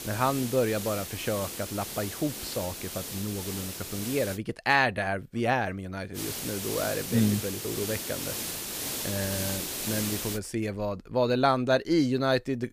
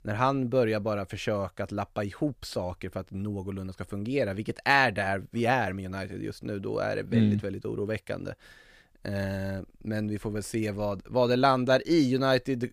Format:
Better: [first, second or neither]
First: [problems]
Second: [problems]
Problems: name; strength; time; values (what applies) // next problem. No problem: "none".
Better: second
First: hiss; loud; until 4.5 s and from 6 to 10 s; 4 dB below the speech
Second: none